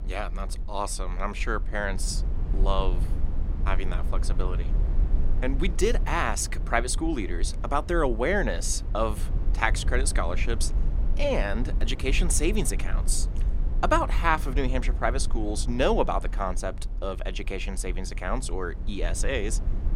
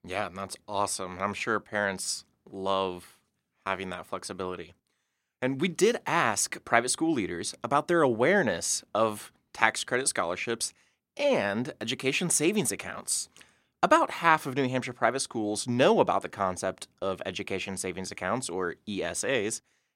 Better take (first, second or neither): second